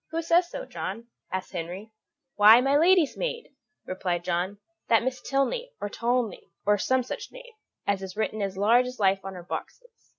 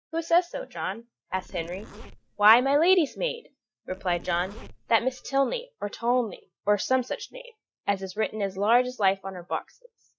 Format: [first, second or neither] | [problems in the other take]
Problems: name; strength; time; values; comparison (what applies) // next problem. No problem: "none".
first | noise reduction (neural mask model DeepFilterNet 3)